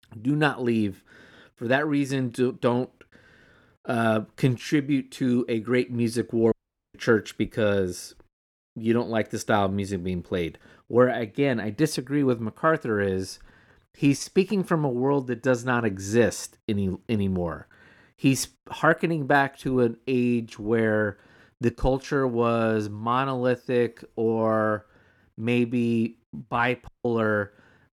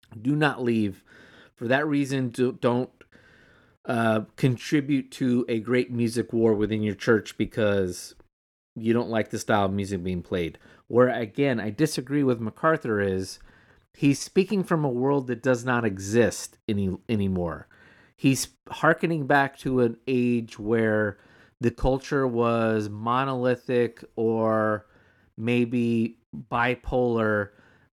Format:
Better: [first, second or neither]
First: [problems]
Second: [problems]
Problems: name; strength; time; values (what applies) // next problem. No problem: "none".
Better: second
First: audio cutting out; at 6.5 s and at 27 s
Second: none